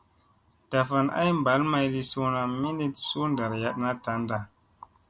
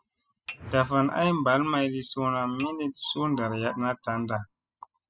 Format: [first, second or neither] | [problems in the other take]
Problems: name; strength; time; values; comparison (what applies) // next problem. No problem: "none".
first | noise reduction (classical method spectral subtraction)